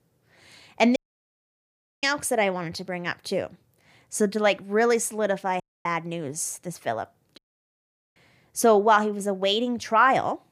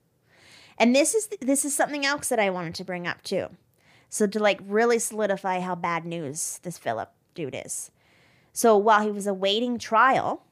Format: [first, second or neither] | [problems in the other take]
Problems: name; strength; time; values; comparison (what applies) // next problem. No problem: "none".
second | audio cutting out; at 1 s for 1 s, at 5.5 s and at 7.5 s for 1 s